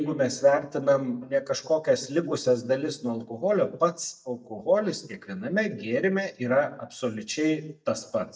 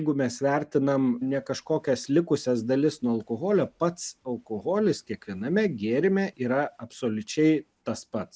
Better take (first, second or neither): second